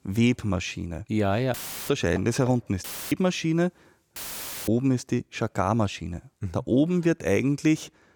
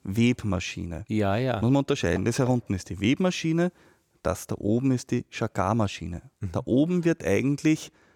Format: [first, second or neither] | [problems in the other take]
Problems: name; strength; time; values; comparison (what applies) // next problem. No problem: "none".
second | audio cutting out; filled with static; at 1.5 s, at 3 s and at 4 s for 0.5 s